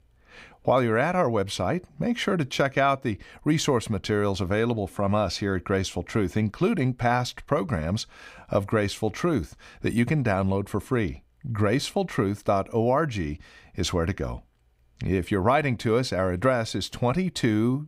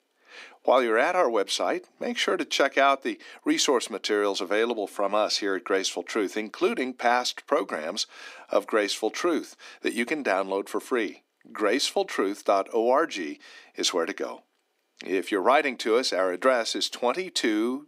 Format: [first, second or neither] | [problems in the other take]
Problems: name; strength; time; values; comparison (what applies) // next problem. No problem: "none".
first | thin; somewhat; fading below 300 Hz